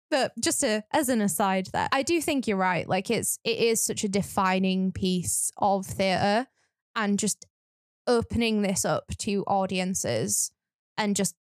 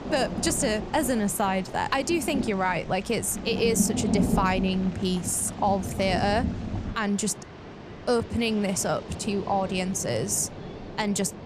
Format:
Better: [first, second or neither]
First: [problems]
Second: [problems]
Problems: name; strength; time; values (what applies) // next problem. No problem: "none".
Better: first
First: none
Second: rain or running water; loud; throughout; 7 dB below the speech